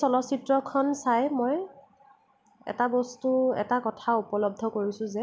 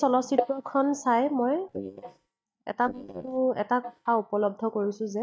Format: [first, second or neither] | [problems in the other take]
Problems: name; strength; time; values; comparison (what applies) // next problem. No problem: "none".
first | noise reduction (neural mask model DeepFilterNet 3)